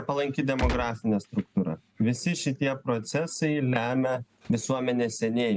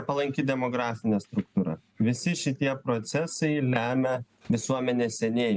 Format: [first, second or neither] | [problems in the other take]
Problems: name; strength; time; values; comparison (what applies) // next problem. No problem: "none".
second | background sound (Gunshot, gunfire); as loud as the speech